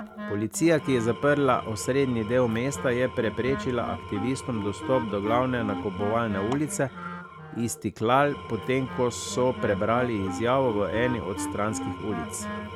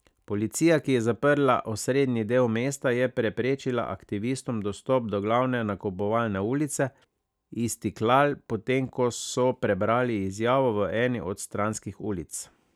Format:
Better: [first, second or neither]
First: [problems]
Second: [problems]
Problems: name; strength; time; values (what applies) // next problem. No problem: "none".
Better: second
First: background sound (Engine / Tools + Wind instrument, woodwind instrument); 9 dB below the speech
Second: none